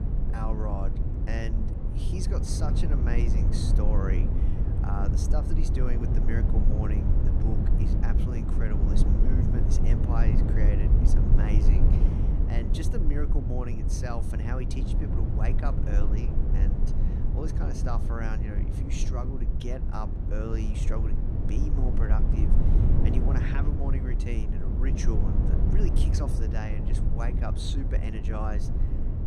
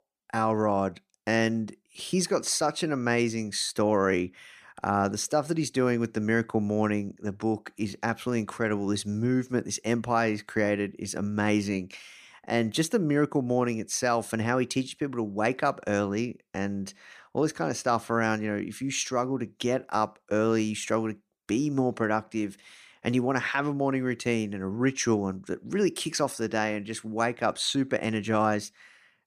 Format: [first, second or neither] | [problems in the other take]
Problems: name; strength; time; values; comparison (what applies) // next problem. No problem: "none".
second | low rumble; loud; throughout; 1 dB below the speech